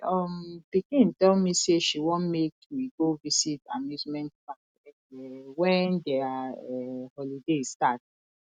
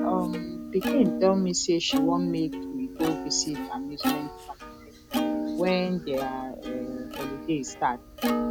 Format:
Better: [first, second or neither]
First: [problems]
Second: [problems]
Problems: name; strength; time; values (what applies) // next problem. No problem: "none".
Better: first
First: none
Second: background sound (Plucked string instrument); 2 dB below the speech